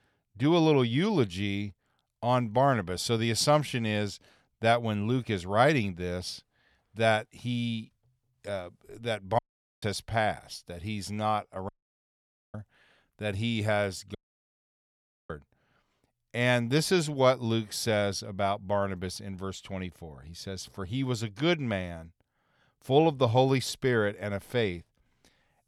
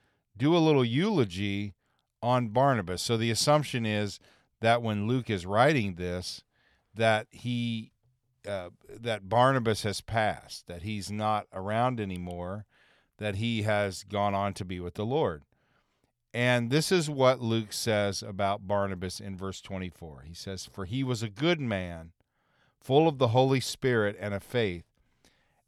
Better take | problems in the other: second | audio cutting out; at 9.5 s, at 12 s for 1 s and at 14 s for 1 s

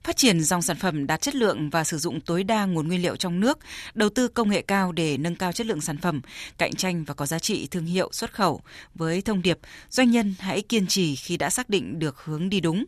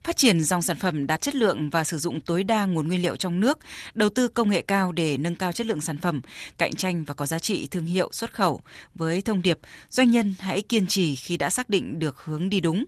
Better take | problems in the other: first | garbled, watery; slightly; nothing above 14 kHz

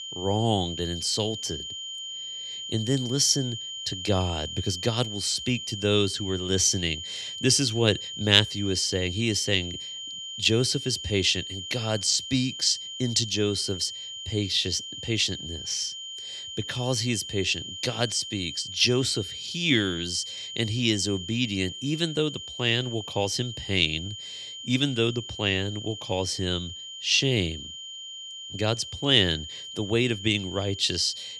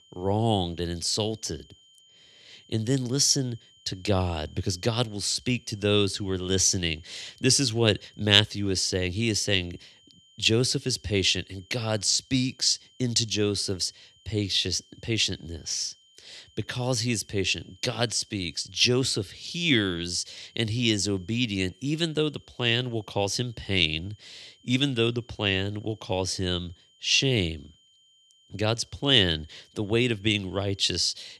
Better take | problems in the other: second | high-pitched whine; loud; throughout; 3 kHz, 9 dB below the speech; faint in the second

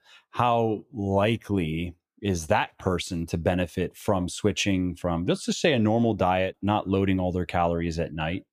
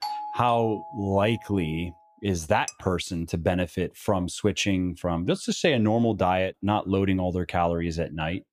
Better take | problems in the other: first | doorbell; noticeable; until 1.5 s; peak 6 dB below the speech // clattering dishes; very faint; at 2.5 s; peak 15 dB below the speech

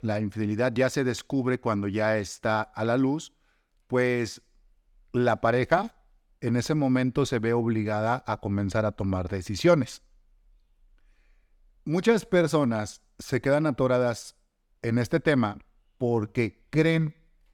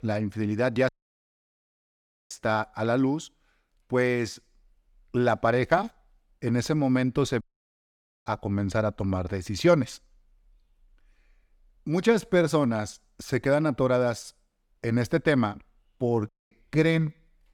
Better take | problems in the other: first | audio cutting out; at 1 s for 1.5 s, at 7.5 s for 1 s and at 16 s

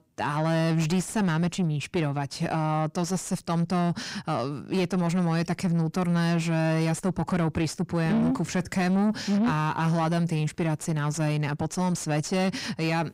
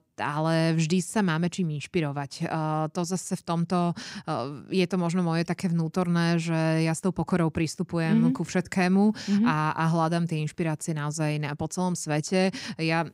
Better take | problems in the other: second | distortion; slight; 10 dB below the speech

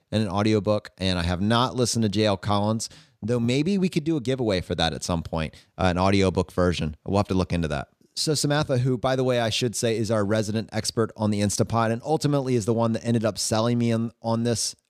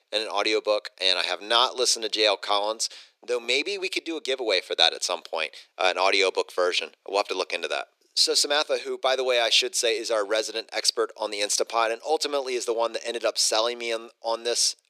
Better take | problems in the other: first | thin; very; fading below 400 Hz

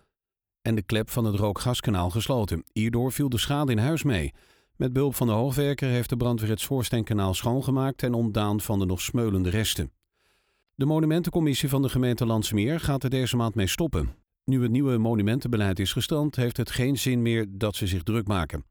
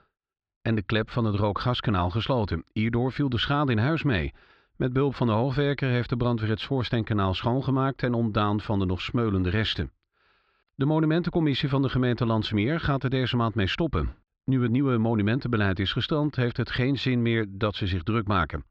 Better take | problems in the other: first | muffled; slightly; fading above 4.5 kHz

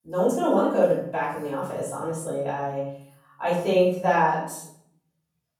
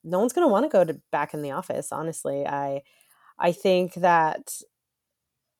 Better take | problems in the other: second | room echo; noticeable; dies away in 0.6 s // off-mic speech; far

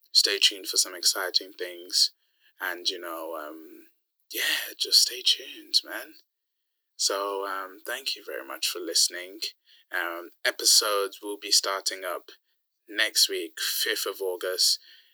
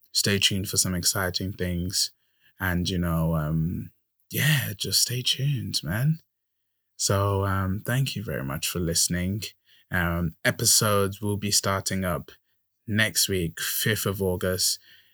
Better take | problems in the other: second | thin; very; fading below 300 Hz

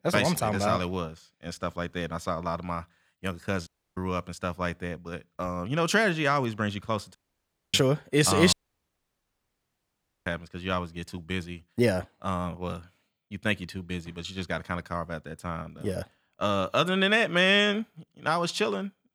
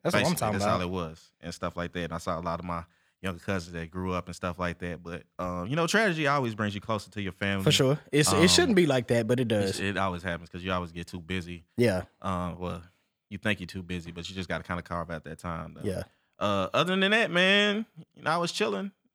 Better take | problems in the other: second | audio cutting out; at 3.5 s, at 7 s for 0.5 s and at 8.5 s for 1.5 s

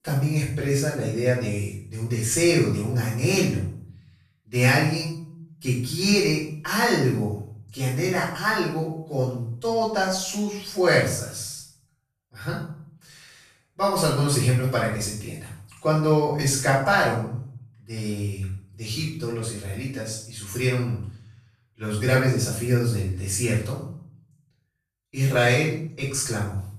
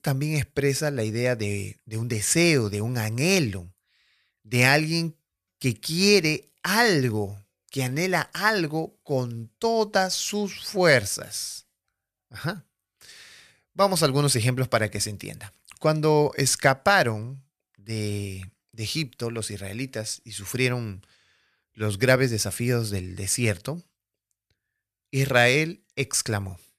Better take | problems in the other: second | room echo; noticeable; dies away in 0.6 s // off-mic speech; far

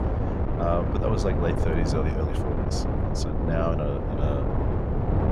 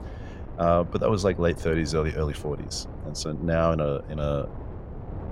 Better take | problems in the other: second | wind noise on the microphone; heavy; 1 dB below the speech; occasional gusts in the second

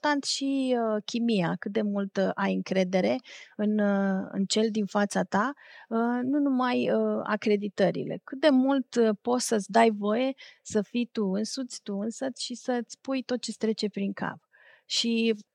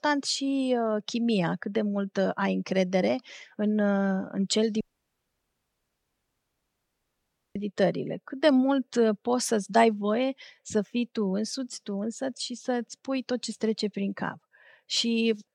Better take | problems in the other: first | audio cutting out; at 5 s for 2.5 s

